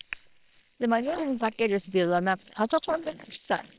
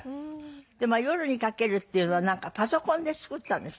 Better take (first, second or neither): second